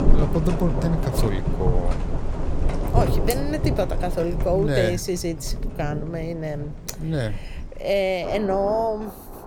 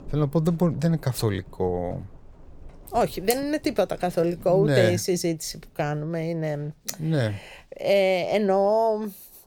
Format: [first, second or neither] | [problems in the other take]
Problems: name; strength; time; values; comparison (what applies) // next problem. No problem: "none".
second | rain or running water; loud; throughout; 3 dB below the speech; faint in the second